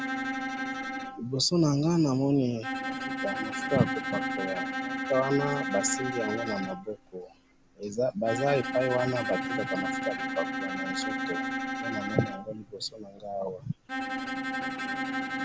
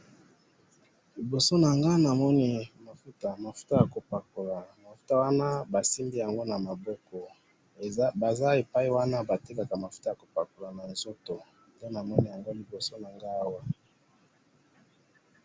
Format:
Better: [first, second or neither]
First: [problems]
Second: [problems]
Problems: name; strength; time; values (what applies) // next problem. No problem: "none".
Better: second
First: background sound (Bowed string instrument); 3 dB below the speech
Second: none